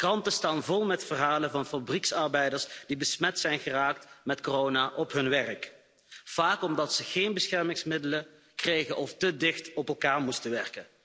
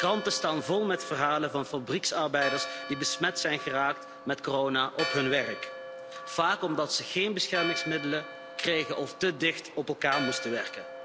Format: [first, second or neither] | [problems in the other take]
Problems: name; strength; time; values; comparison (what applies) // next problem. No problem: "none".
first | background sound (Church bell); 9 dB below the speech